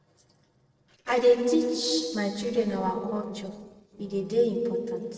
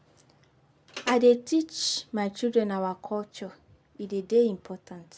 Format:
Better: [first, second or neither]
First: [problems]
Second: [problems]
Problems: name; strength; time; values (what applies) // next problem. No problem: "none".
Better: second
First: noise reduction (neural separator model SepFormer DNS4)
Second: none